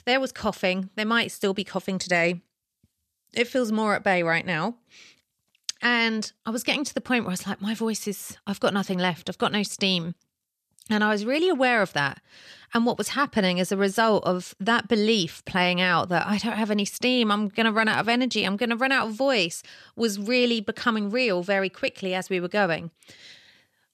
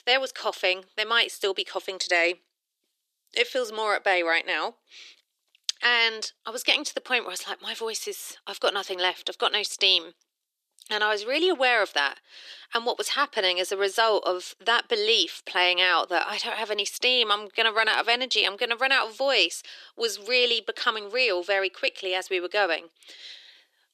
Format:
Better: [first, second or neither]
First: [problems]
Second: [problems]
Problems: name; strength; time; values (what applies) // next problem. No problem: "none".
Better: first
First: none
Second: thin; very; fading below 350 Hz